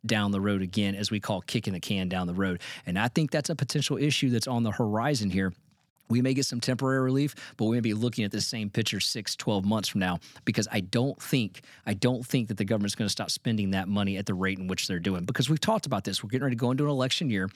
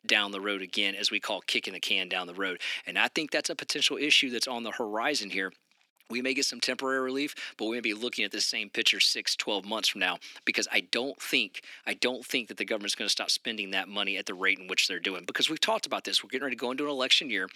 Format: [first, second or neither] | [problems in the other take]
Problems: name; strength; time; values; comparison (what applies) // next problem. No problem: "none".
first | thin; somewhat; fading below 300 Hz